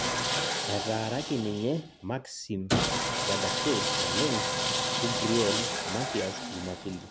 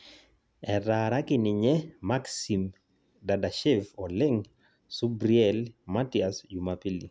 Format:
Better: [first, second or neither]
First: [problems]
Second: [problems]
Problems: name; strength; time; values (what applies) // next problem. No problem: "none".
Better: second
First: background sound (Sawing); 2 dB above the speech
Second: none